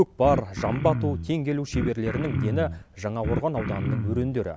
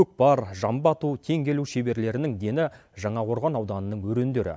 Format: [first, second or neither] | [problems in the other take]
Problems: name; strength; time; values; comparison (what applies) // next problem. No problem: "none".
second | background sound (Cough); 4 dB below the speech